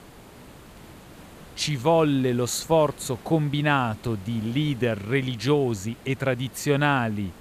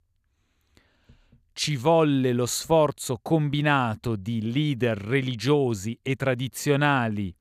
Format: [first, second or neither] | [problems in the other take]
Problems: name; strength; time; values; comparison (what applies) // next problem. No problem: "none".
second | hiss; faint; throughout; 20 dB below the speech